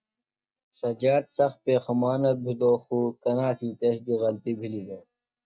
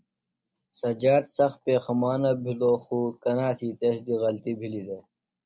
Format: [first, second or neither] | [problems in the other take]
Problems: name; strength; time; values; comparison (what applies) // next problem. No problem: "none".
second | noise reduction (neural mask model DeepFilterNet 3)